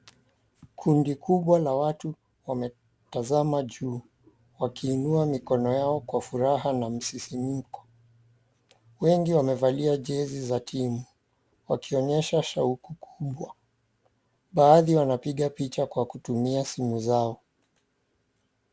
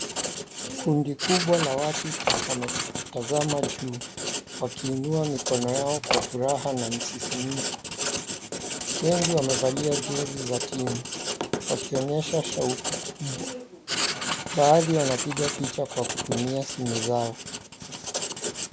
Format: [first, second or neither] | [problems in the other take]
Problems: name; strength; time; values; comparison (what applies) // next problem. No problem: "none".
first | background sound (Slam + Writing); 3 dB below the speech